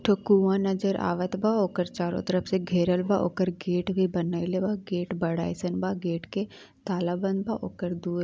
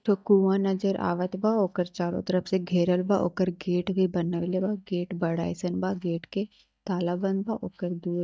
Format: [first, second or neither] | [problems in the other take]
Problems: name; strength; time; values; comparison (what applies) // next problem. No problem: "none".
first | noise reduction (neural mask model DeepFilterNet 3)